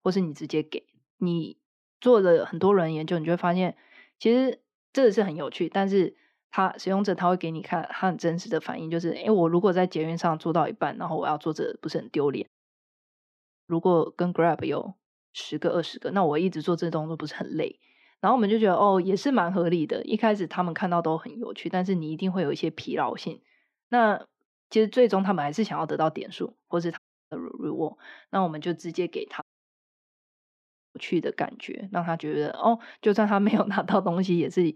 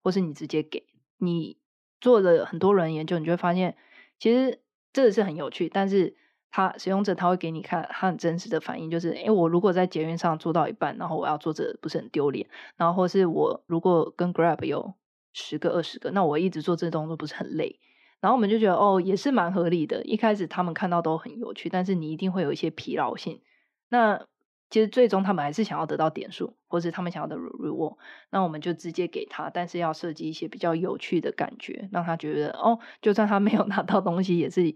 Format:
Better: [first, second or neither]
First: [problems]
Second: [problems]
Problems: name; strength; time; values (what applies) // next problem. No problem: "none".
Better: second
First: audio cutting out; at 12 s for 1 s, at 27 s and at 29 s for 1.5 s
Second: none